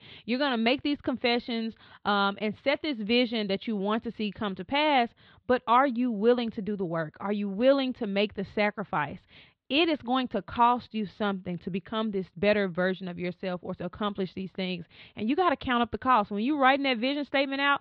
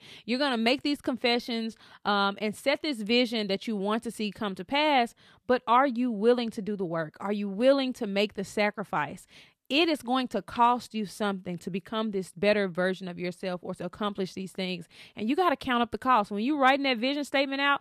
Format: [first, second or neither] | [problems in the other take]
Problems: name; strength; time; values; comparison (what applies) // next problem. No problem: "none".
second | muffled; very slightly; fading above 4 kHz